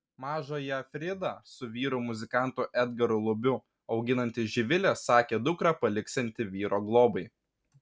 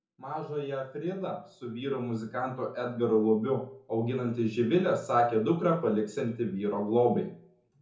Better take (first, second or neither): first